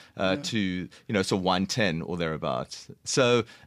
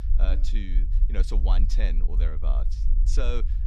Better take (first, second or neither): first